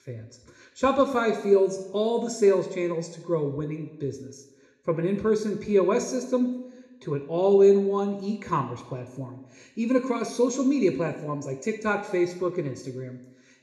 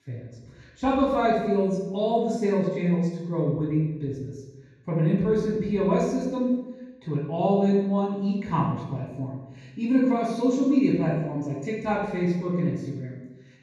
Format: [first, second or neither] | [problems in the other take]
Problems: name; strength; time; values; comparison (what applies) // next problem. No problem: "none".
first | room echo; strong; dies away in 1.3 s; slight in the first // off-mic speech; far; somewhat distant in the first